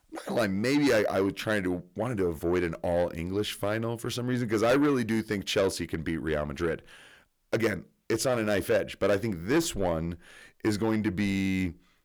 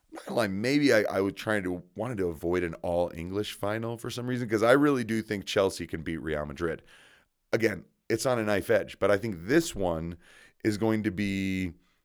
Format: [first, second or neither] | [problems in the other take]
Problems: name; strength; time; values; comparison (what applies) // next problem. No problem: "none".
second | distortion; slight; 10 dB below the speech